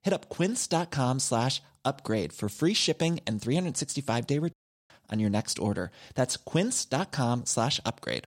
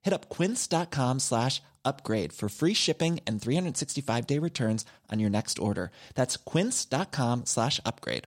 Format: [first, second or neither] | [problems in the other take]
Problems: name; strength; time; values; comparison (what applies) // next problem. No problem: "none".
second | audio cutting out; at 4.5 s